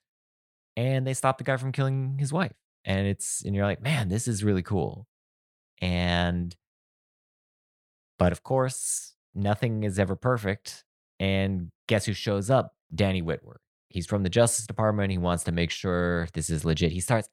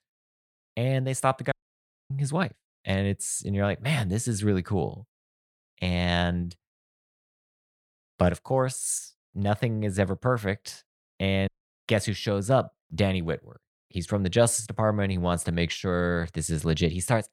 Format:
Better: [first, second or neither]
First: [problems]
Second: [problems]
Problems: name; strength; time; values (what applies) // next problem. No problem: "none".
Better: first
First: none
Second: audio cutting out; at 1.5 s for 0.5 s and at 11 s